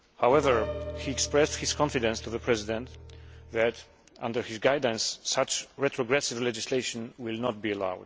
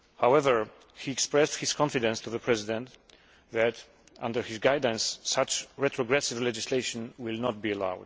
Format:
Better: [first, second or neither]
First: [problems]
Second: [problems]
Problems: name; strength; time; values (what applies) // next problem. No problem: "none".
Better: second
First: background sound (Piano); 10 dB below the speech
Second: none